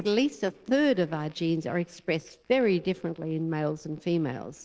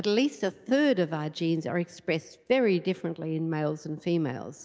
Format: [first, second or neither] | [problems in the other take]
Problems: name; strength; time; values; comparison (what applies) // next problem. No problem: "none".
second | noise reduction (neural separator model SepFormer DNS4)